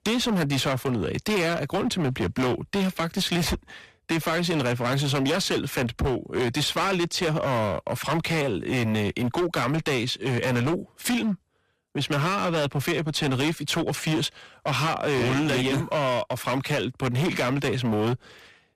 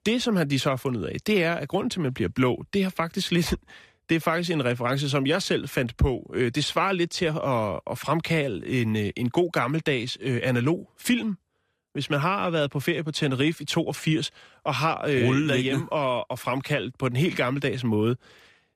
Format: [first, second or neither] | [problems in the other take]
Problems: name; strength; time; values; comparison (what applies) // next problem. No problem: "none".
second | distortion; heavy; 22% of the sound clipped